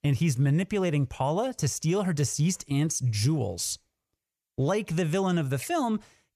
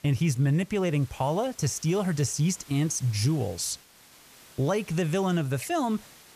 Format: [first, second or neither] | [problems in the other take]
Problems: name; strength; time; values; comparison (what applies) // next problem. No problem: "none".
first | hiss; faint; throughout; 25 dB below the speech